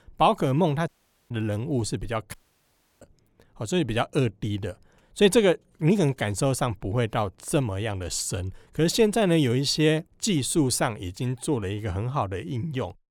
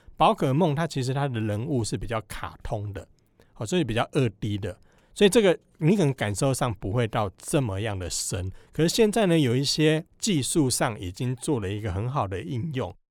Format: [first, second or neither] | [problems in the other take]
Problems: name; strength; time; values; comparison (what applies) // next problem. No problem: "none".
second | audio cutting out; at 1 s and at 2.5 s for 0.5 s